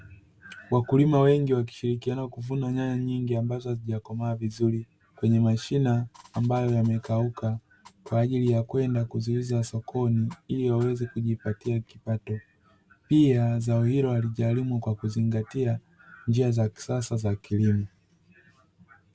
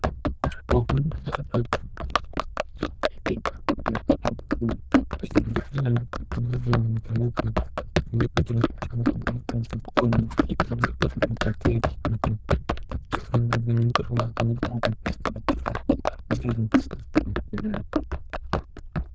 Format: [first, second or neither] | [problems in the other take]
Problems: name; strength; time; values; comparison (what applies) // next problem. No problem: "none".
first | noise reduction (neural diffusion model UNIVERSE++)